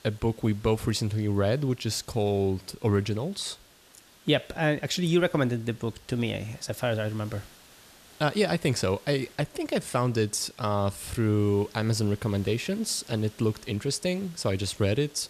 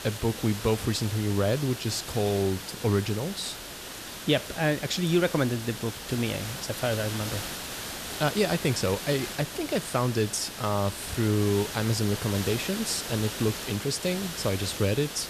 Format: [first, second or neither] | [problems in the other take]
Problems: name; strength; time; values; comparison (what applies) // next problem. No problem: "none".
first | hiss; loud; throughout; 7 dB below the speech; faint in the first